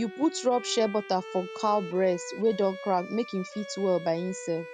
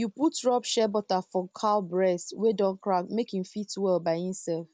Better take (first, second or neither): second